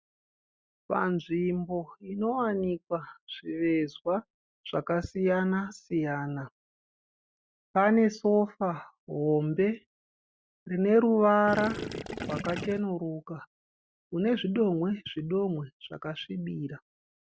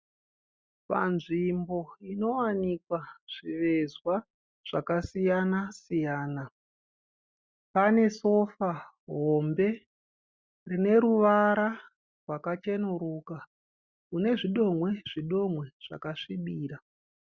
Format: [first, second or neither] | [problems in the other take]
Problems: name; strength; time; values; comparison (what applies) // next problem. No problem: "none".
second | background sound (Gurgling / Liquid); 7 dB below the speech